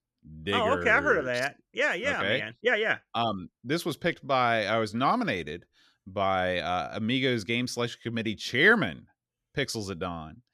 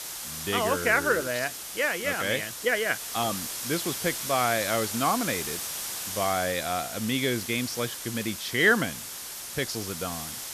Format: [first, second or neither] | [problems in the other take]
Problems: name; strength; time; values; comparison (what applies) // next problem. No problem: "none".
first | hiss; loud; throughout; 6 dB below the speech